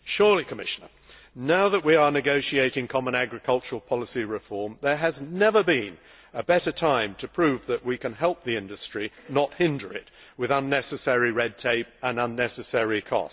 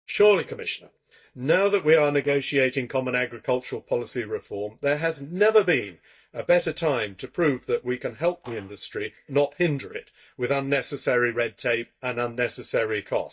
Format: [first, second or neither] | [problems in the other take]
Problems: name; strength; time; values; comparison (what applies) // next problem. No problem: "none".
first | noise reduction (neural mask model DeepFilterNet 3)